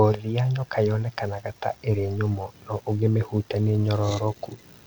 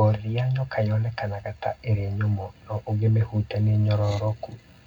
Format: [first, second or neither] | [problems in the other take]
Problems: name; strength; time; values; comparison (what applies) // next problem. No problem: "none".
first | room echo; dies away in 0.3 s